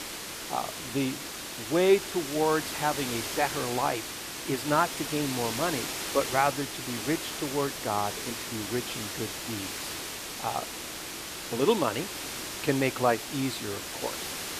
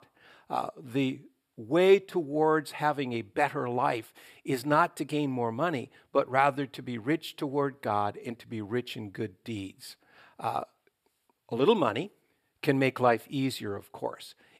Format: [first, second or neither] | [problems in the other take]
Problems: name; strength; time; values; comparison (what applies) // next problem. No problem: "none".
second | hiss; loud; throughout; 4 dB below the speech